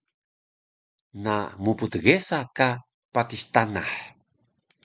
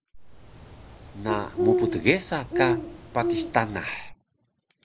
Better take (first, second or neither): first